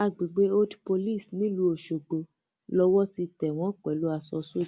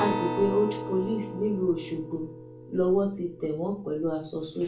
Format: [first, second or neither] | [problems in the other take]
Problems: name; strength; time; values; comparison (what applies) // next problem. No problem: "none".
first | background sound (Acoustic guitar); 8 dB below the speech // room echo; dies away in 0.3 s